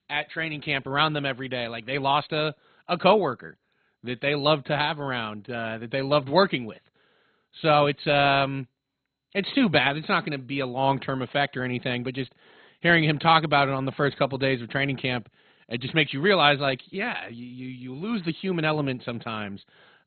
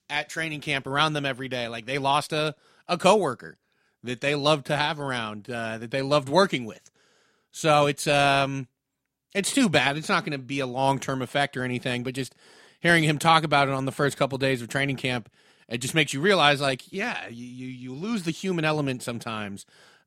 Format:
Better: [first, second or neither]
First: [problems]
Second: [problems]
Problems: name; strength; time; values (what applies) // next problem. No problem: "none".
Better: second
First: garbled, watery; badly; nothing above 4 kHz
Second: none